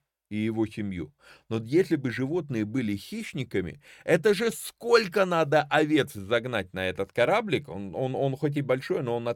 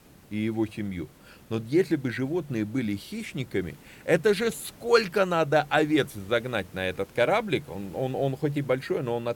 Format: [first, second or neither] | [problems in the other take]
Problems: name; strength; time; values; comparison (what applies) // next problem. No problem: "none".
first | hiss; faint; throughout; 25 dB below the speech